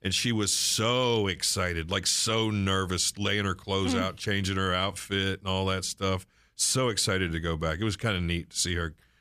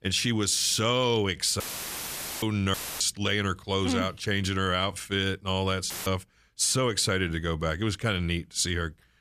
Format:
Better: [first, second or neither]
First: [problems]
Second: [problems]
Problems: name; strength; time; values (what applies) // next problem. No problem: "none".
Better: first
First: none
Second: audio cutting out; filled with static; at 1.5 s for 1 s, at 2.5 s and at 6 s